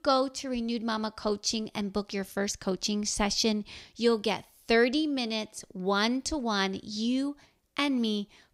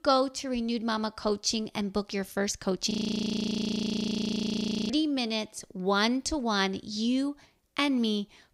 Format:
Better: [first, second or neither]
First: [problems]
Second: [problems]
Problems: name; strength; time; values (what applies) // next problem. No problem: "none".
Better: first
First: none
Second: audio freezing; at 3 s for 2 s